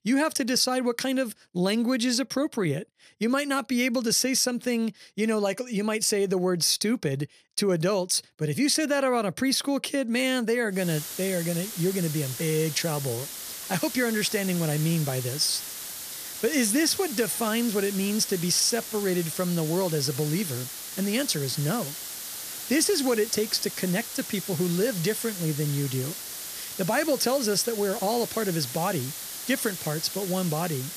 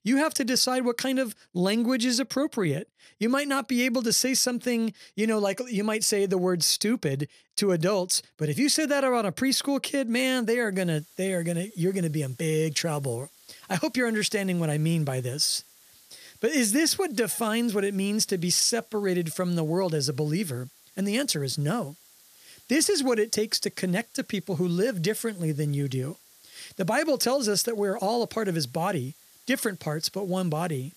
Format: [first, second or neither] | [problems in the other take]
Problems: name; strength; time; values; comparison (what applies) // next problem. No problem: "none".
second | hiss; loud; from 11 s on; 8 dB below the speech; faint in the second